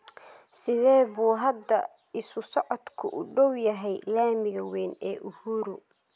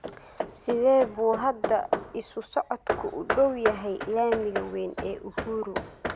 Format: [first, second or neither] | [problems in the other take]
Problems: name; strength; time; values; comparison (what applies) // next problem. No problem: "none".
first | background sound (Hammer / Wood); 6 dB below the speech